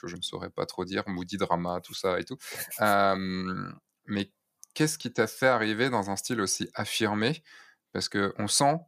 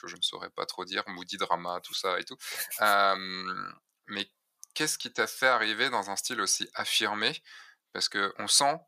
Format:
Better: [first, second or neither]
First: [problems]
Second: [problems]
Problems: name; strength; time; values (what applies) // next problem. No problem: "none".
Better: first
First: none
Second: thin; somewhat; fading below 950 Hz